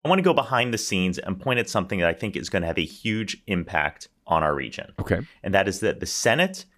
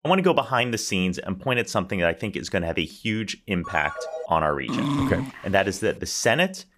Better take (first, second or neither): first